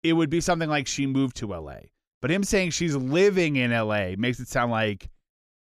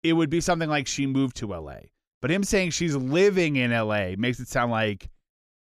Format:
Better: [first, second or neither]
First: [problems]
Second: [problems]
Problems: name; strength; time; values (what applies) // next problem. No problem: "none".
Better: neither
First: none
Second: none